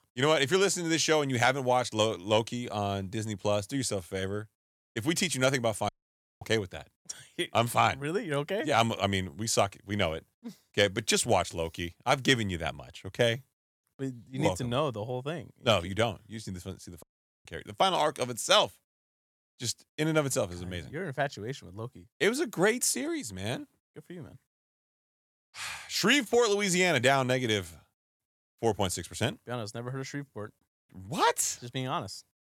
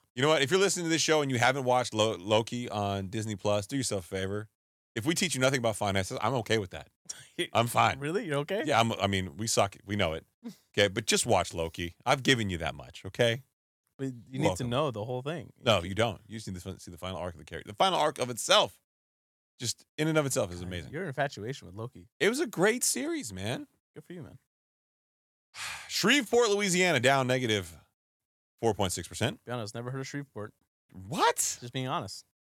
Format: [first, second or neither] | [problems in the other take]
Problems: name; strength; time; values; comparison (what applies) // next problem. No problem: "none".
second | audio cutting out; at 6 s for 0.5 s and at 17 s